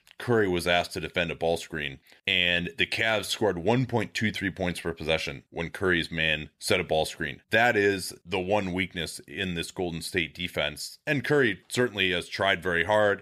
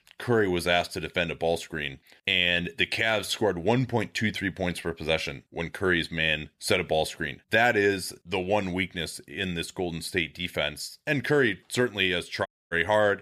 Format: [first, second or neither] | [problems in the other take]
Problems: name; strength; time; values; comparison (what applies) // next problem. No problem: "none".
first | audio cutting out; at 12 s